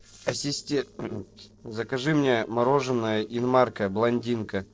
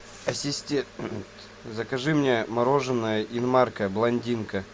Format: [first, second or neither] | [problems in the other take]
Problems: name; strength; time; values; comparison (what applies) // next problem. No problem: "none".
second | noise reduction (neural separator model SepFormer DNS4)